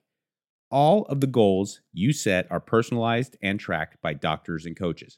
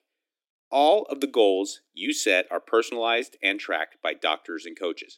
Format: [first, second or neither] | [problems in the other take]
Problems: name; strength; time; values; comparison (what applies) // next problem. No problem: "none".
first | thin; somewhat; fading below 300 Hz